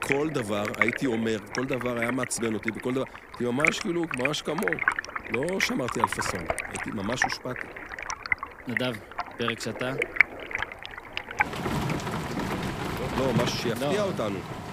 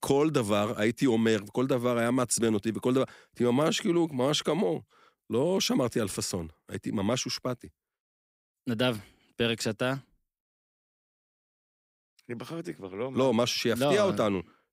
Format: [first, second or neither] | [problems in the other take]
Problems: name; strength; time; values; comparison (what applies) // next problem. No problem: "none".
second | rain or running water; very loud; throughout; as loud as the speech